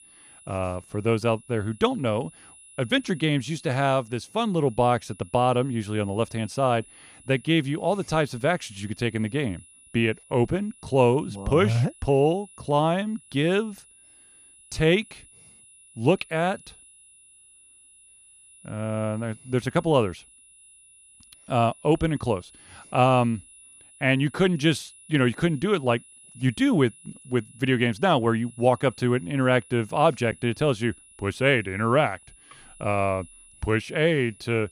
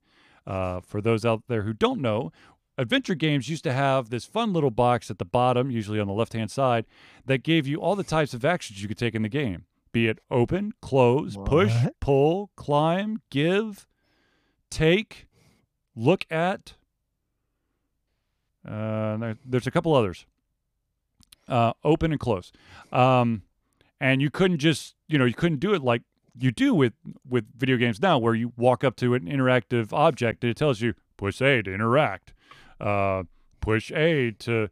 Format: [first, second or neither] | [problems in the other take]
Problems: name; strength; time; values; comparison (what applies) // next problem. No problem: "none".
second | high-pitched whine; faint; throughout; 10 kHz, 25 dB below the speech